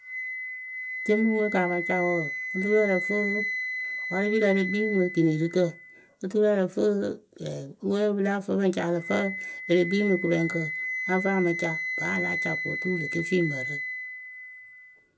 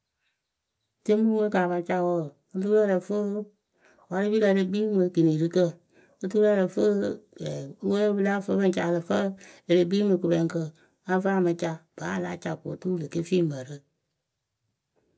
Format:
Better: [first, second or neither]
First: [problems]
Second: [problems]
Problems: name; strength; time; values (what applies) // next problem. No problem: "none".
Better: second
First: background sound (Wind instrument, woodwind instrument); 6 dB below the speech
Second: none